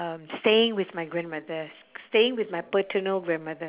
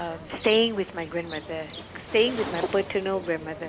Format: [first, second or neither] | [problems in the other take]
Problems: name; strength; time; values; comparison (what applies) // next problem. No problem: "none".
first | background sound (Cricket); 11 dB below the speech